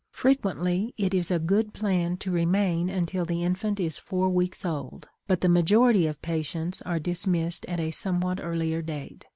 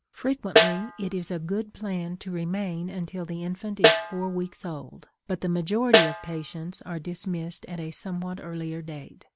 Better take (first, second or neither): first